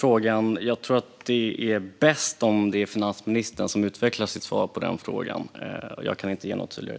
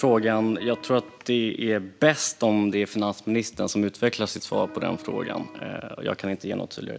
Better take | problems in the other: first | background sound (Electric guitar); 16 dB below the speech

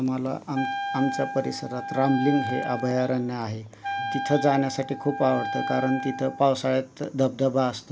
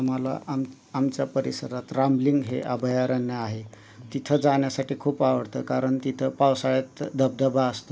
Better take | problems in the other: second | background sound (Wind instrument, woodwind instrument); 7 dB below the speech

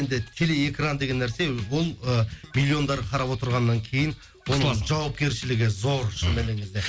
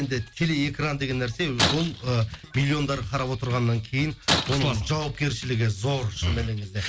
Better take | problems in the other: first | background sound (Shatter); 6 dB below the speech

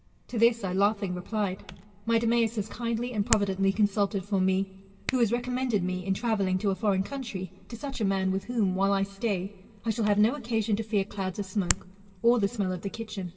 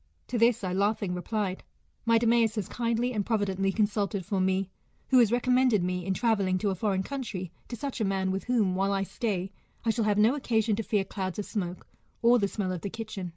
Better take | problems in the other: second | background sound (Hands); 14 dB below the speech // room echo; dies away in 1.6 s

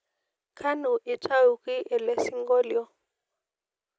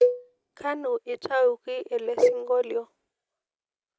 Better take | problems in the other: first | background sound (Cowbell); as loud as the speech

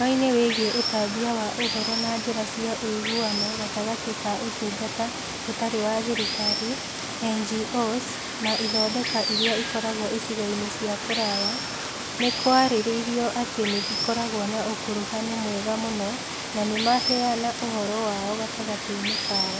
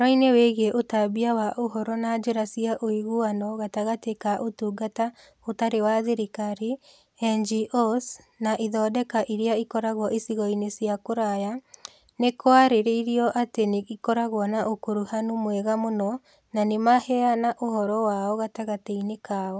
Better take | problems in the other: second | background sound (Water); 2 dB below the speech

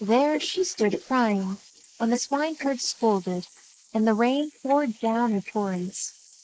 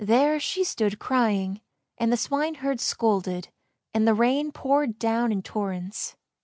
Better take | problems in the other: second | noise reduction (neural mask model Resemble Enhance denoiser)

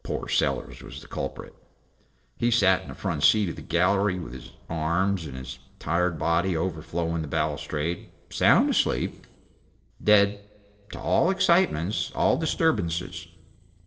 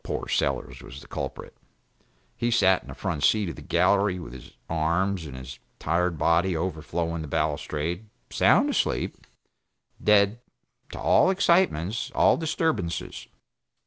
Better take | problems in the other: second | noise reduction (neural separator model SepFormer DNS4)

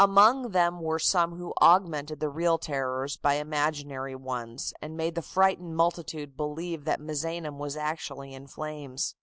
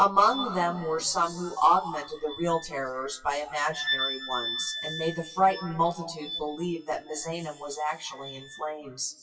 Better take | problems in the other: first | noise reduction (classical method WPE with log-MMSE)

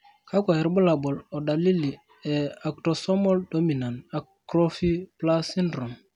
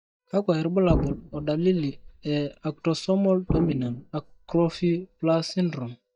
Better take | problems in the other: first | noise reduction (neural mask model DeepFilterNet 3)

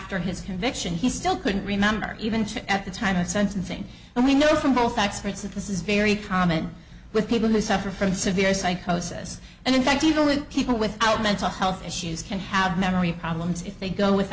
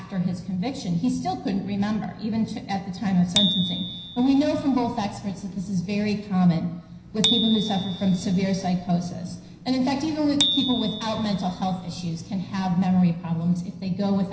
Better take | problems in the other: first | background sound (Bicycle bell); 7 dB below the speech // room echo; dies away in 0.9 s

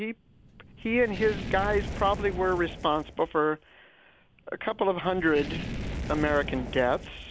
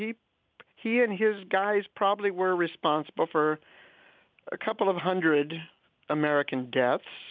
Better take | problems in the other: second | background sound (Fire); 9 dB below the speech

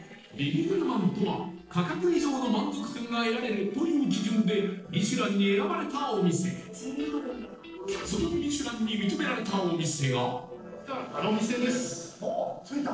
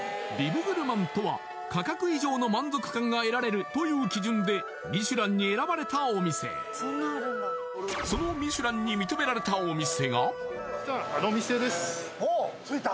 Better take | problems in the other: second | noise reduction (neural separator model SepFormer DNS4)

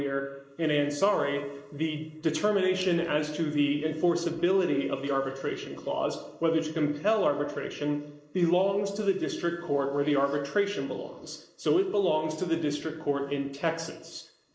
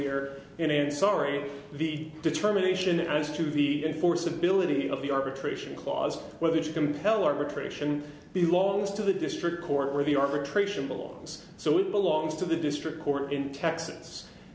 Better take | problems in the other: second | noise reduction (neural mask model Resemble Enhance denoiser)

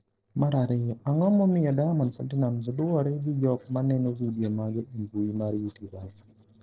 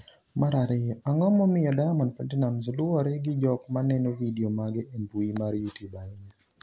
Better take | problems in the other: second | noise reduction (neural separator model SepFormer DNS4)

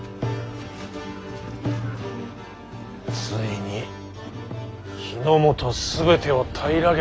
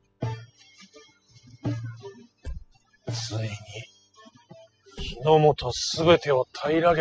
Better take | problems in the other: first | noise reduction (classical method spectral subtraction)

